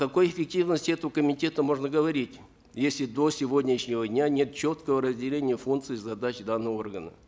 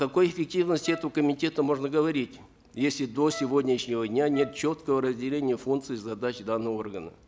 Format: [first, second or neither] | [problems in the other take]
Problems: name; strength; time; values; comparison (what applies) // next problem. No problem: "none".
first | background sound (Wind instrument, woodwind instrument); 17 dB below the speech